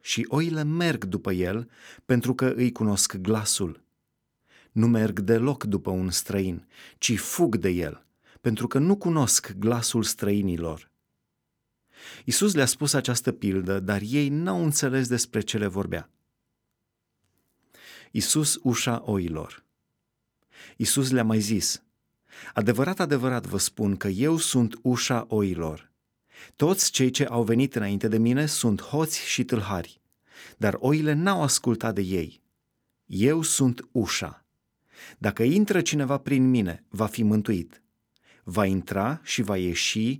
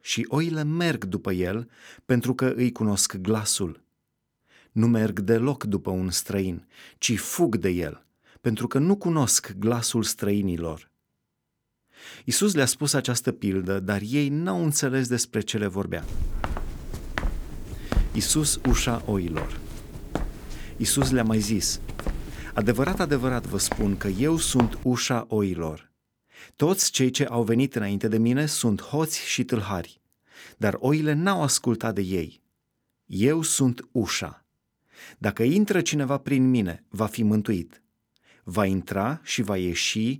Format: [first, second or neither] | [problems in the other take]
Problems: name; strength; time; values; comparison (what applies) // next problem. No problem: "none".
first | footsteps; noticeable; from 16 to 25 s; peak 4 dB below the speech